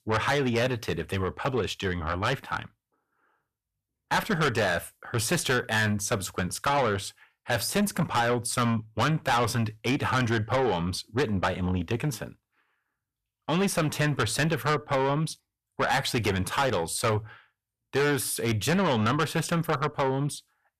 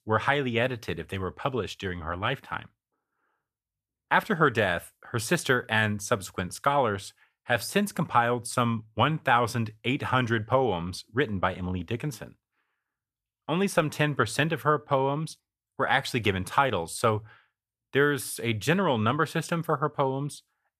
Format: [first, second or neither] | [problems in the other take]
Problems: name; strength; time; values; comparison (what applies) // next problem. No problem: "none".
second | distortion; heavy; 6 dB below the speech